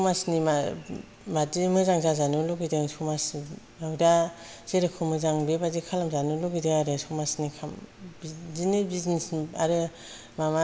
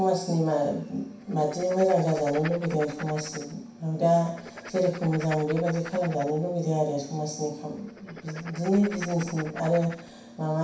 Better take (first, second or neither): first